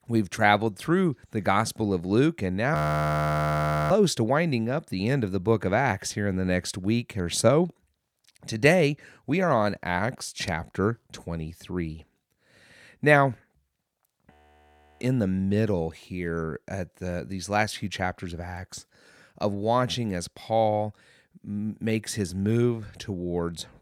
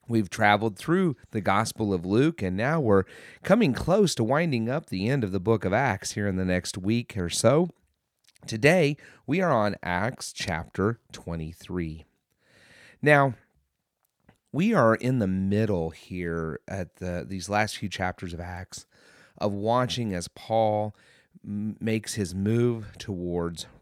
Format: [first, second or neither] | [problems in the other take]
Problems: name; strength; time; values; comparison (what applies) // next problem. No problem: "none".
second | audio freezing; at 3 s for 1 s and at 14 s for 0.5 s